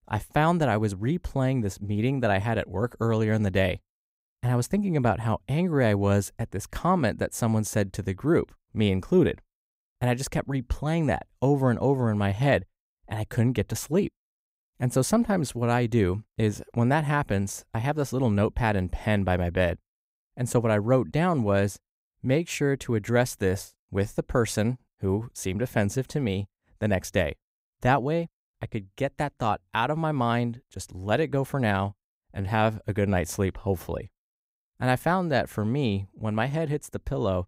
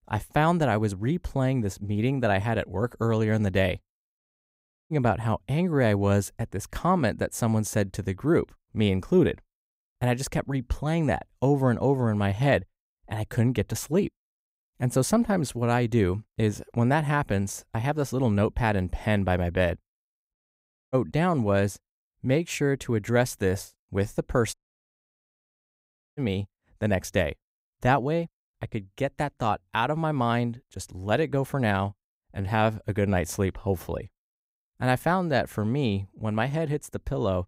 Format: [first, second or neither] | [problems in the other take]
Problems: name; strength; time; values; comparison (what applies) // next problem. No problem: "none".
first | audio cutting out; at 4 s for 0.5 s, at 20 s for 0.5 s and at 25 s for 1.5 s